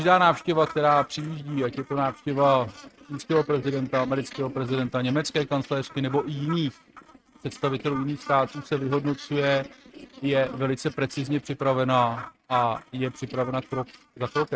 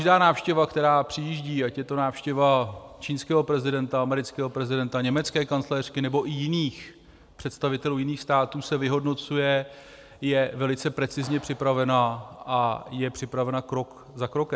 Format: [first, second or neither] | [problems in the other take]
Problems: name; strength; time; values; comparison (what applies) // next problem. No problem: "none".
second | noise reduction (neural mask model RNNoise)